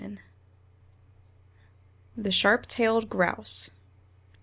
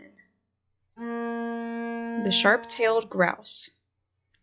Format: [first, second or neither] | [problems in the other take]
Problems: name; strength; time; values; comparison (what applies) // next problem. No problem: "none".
first | noise reduction (classical method log-MMSE)